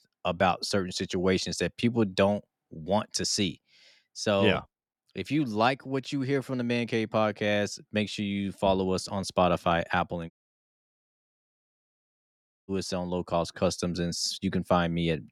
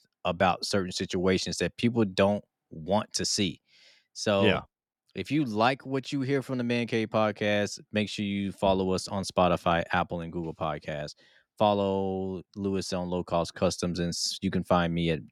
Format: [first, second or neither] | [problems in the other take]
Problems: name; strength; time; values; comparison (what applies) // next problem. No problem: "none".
second | audio cutting out; at 10 s for 2.5 s